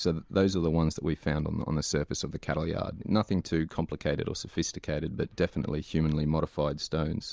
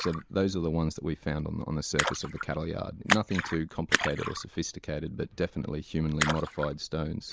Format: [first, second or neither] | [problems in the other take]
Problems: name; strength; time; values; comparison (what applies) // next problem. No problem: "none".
first | background sound (Splash, splatter); 4 dB below the speech